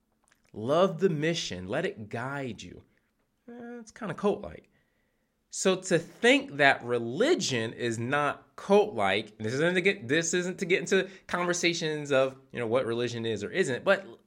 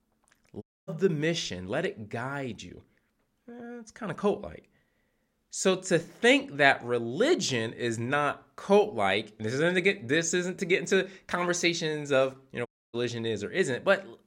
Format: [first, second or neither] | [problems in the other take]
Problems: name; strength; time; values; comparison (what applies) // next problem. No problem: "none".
first | audio cutting out; at 0.5 s and at 13 s